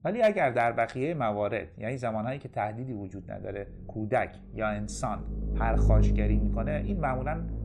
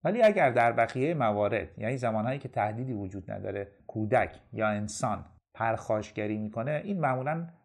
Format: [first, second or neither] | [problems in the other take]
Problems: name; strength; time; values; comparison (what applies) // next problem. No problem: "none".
second | low rumble; noticeable; throughout; 10 dB below the speech